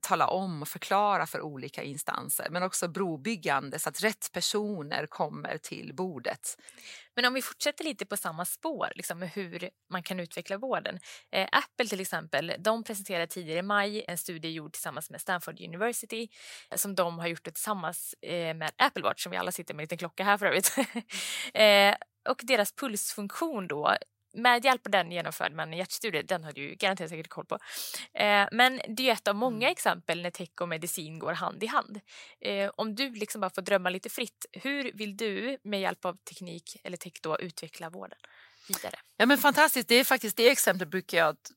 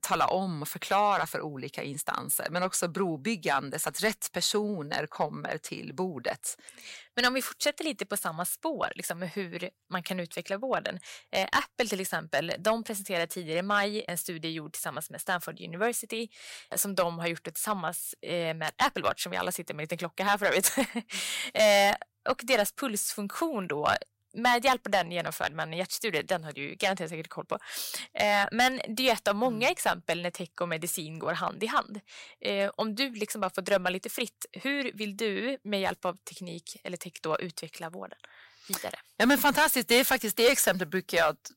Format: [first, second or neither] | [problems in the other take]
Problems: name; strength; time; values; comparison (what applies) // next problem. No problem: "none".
first | distortion; slight; 1.3% of the sound clipped